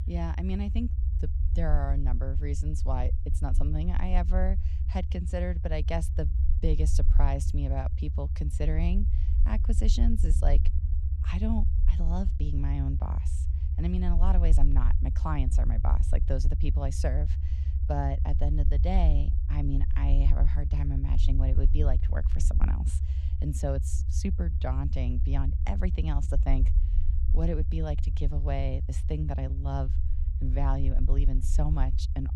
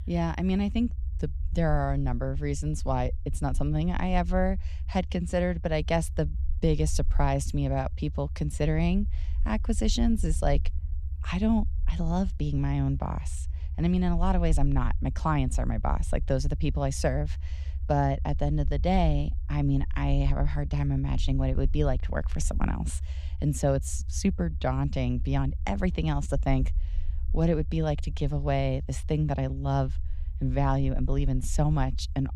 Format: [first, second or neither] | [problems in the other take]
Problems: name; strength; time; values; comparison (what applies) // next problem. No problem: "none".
second | low rumble; loud; throughout; 9 dB below the speech; faint in the second